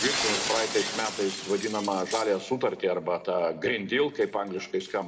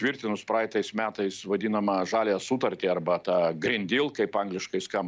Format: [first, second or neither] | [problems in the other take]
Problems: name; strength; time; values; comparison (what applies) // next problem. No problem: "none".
second | background sound (Shatter); 7 dB below the speech // room echo; dies away in 1.9 s